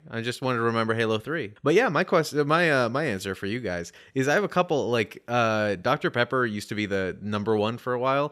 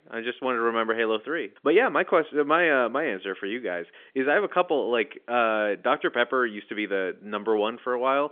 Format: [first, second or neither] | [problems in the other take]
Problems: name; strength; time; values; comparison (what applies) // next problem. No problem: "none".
first | phone-call audio; nothing above 3.5 kHz